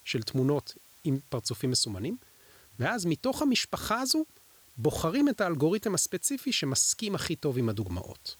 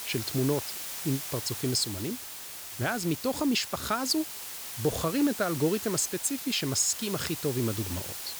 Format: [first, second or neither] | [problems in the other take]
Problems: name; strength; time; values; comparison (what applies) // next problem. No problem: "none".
first | hiss; loud; throughout; 6 dB below the speech; faint in the first